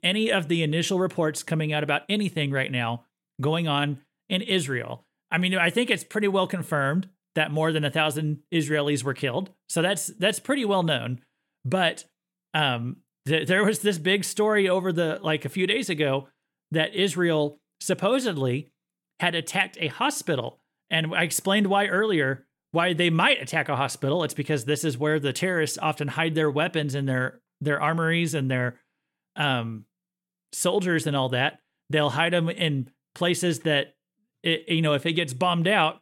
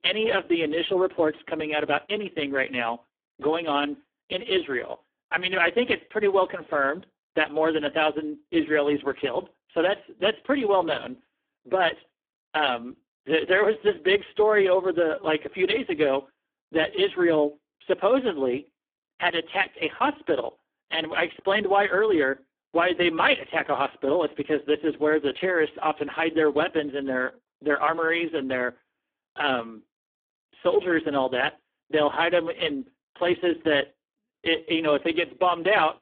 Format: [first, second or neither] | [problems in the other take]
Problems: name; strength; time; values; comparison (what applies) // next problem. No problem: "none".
first | phone-call audio; poor line; nothing above 3.5 kHz